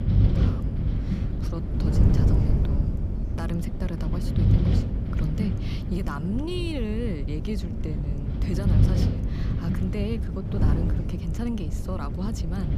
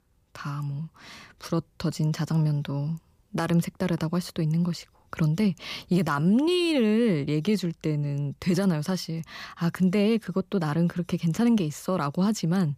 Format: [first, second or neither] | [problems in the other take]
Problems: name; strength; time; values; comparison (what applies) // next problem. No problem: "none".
second | wind noise on the microphone; heavy; as loud as the speech